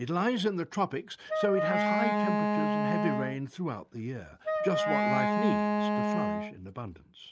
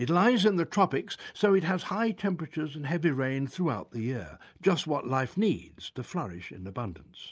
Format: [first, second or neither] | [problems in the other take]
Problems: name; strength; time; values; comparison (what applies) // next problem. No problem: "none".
second | background sound (Wind instrument, woodwind instrument); 4 dB above the speech